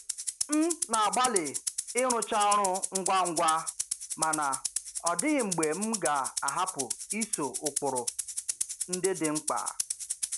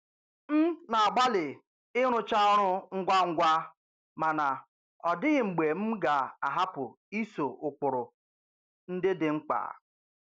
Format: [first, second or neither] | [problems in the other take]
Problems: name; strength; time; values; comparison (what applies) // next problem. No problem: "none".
second | background sound (Rattle (instrument)); 4 dB below the speech